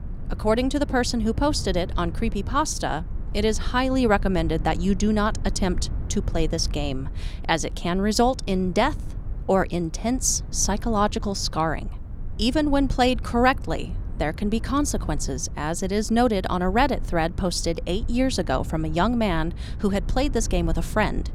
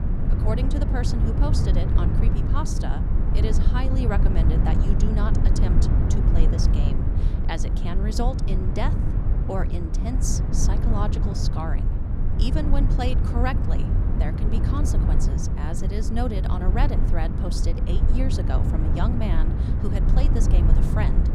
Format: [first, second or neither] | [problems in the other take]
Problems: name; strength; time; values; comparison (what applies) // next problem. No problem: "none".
first | low rumble; loud; throughout; 2 dB below the speech; faint in the first